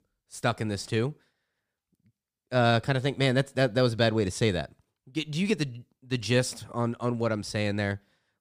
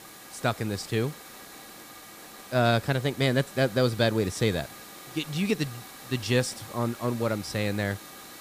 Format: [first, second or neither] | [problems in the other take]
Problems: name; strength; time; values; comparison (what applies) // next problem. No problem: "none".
first | hiss; noticeable; throughout; 15 dB below the speech